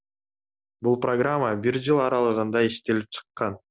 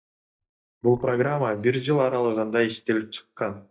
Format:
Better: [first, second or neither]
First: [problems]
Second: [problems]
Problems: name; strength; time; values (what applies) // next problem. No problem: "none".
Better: first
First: none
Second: noise reduction (neural mask model DeepFilterNet 3)